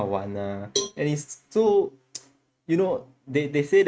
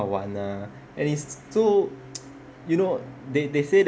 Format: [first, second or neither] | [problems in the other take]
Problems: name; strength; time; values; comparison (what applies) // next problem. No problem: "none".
second | noise reduction (neural mask model RNNoise)